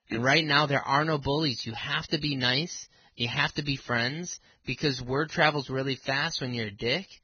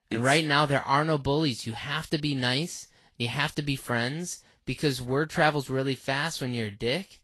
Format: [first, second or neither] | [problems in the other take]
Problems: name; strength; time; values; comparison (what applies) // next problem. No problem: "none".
second | garbled, watery; badly; nothing above 6.5 kHz; slightly in the second